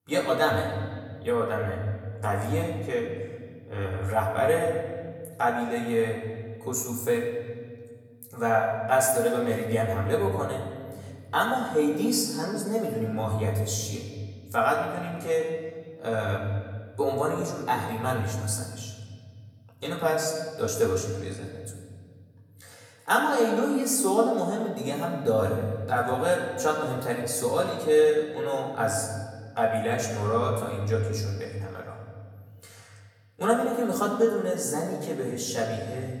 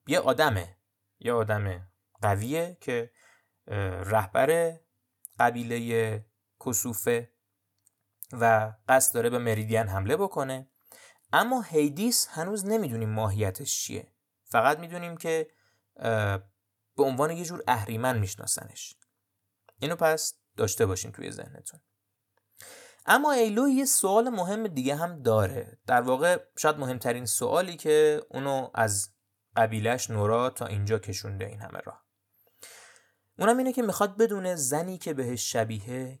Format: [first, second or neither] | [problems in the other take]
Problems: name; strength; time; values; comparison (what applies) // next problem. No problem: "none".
second | room echo; noticeable; dies away in 1.9 s // off-mic speech; far